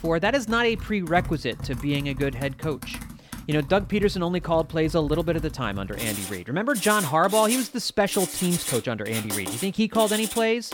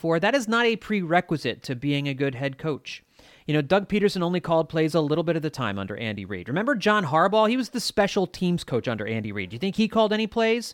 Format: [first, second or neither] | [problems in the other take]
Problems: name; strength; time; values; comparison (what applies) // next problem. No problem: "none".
second | household noises; loud; throughout; 8 dB below the speech